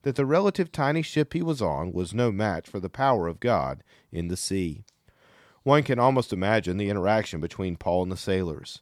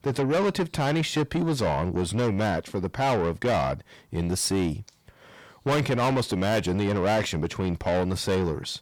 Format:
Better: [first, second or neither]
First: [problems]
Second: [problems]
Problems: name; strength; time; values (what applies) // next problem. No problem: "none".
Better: first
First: none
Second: distortion; heavy; 6 dB below the speech